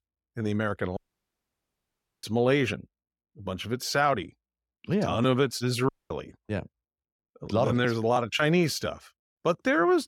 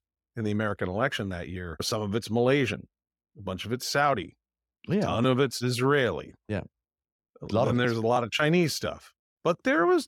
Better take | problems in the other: second | audio cutting out; at 1 s for 1.5 s and at 6 s

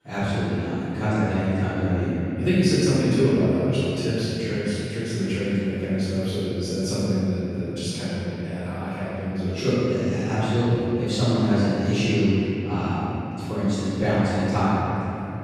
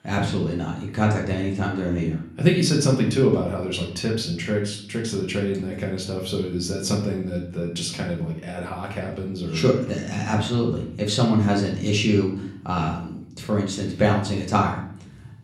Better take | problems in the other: second | room echo; strong; dies away in 3 s; slight in the second // off-mic speech; far; far in the second

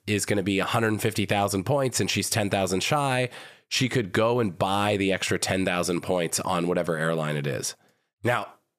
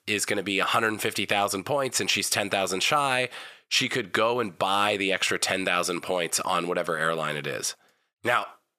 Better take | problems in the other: first | thin; somewhat; fading below 900 Hz

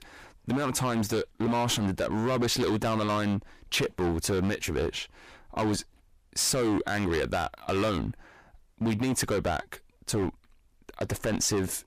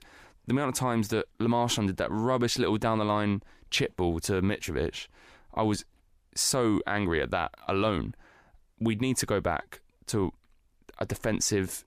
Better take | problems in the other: second | distortion; heavy; 15% of the sound clipped

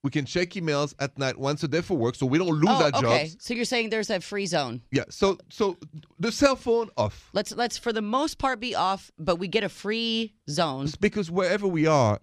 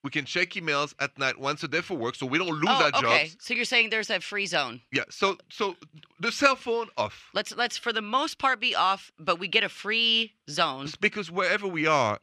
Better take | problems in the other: first | thin; very slightly; fading below 450 Hz

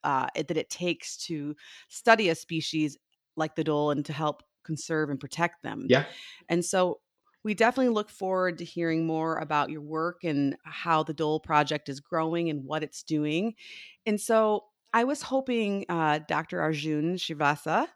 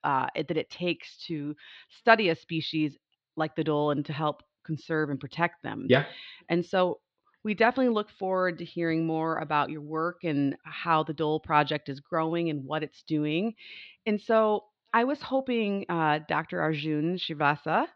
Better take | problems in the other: first | muffled; very slightly; fading above 4 kHz

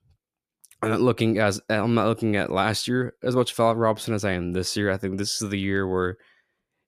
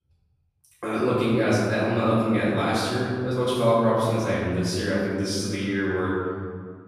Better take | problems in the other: first | off-mic speech; far // room echo; strong; dies away in 1.8 s

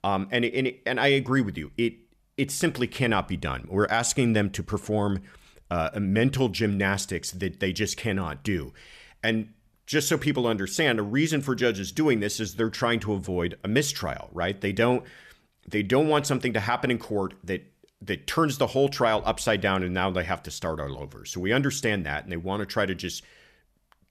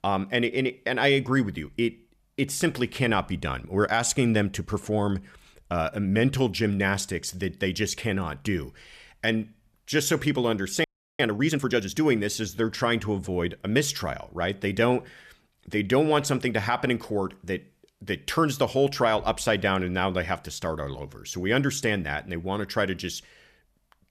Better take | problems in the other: first | audio freezing; at 11 s

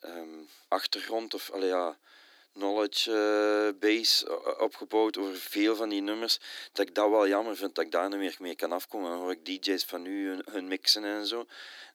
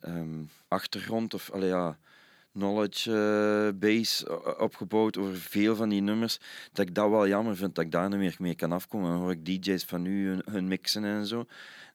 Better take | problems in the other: second | thin; somewhat; fading below 300 Hz

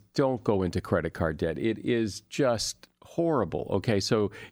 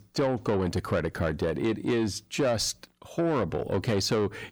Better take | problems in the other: first | distortion; slight; 10 dB below the speech

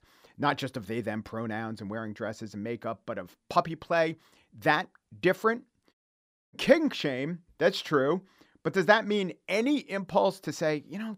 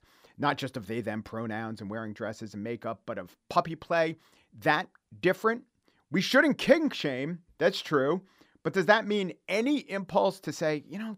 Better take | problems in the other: second | audio cutting out; at 6 s for 0.5 s

